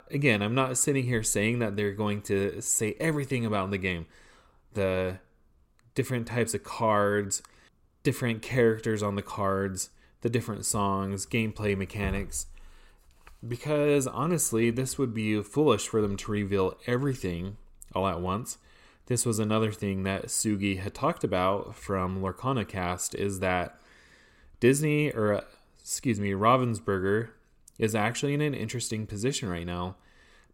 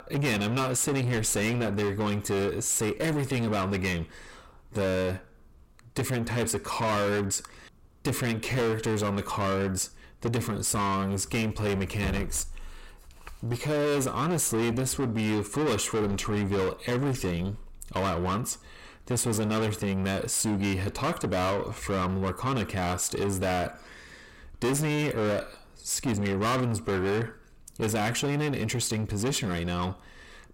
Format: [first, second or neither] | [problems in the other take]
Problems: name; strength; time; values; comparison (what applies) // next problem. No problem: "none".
first | distortion; heavy; 6 dB below the speech